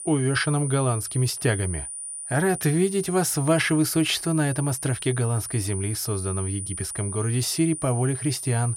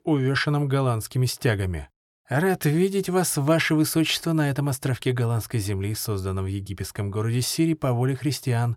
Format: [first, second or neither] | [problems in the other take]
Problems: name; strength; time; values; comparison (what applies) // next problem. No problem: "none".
second | high-pitched whine; loud; throughout; 9.5 kHz, 8 dB below the speech